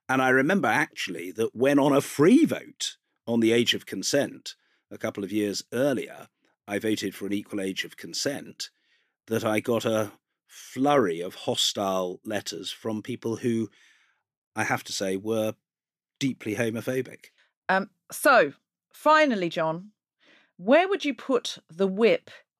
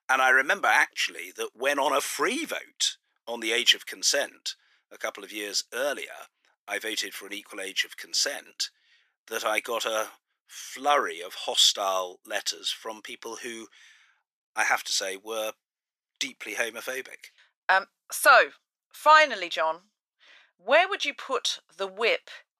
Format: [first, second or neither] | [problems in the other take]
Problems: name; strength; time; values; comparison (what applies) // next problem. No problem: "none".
first | thin; very; fading below 850 Hz